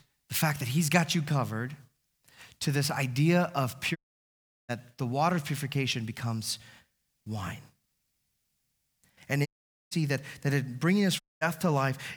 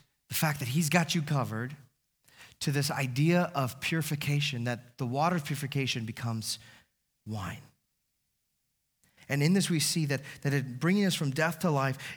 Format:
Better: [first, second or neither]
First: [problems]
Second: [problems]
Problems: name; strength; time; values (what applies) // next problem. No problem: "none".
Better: second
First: audio cutting out; at 4 s for 0.5 s, at 9.5 s and at 11 s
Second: none